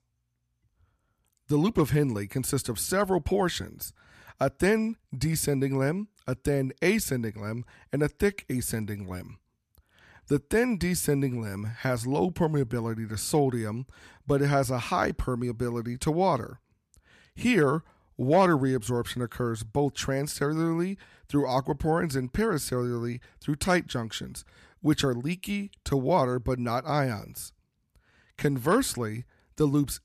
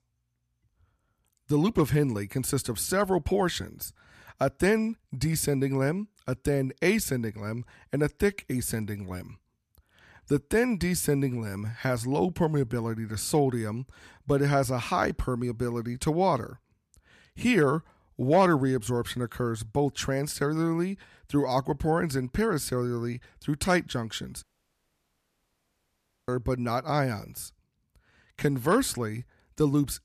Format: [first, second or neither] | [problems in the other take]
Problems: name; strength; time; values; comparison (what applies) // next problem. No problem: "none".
first | audio cutting out; at 24 s for 2 s